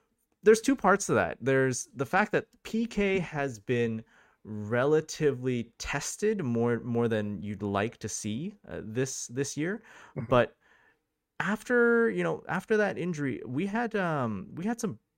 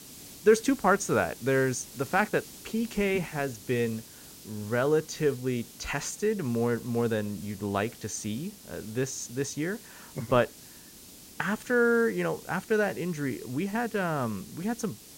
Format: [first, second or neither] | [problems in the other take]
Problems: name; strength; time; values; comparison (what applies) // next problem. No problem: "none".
first | hiss; noticeable; throughout; 15 dB below the speech